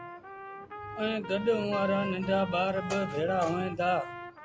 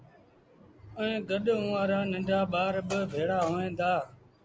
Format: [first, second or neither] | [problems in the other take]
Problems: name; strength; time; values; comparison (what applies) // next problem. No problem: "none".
second | background sound (Trumpet); 11 dB below the speech